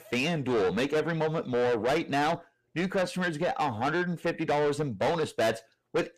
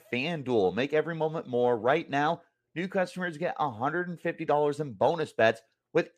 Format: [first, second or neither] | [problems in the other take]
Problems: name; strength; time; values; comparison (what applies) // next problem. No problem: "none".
second | distortion; heavy; 6 dB below the speech